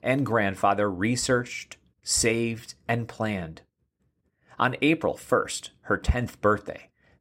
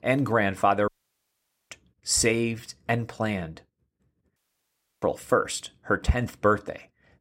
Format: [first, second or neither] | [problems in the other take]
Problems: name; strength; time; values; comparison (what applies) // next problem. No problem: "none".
first | audio cutting out; at 1 s for 1 s and at 4.5 s for 0.5 s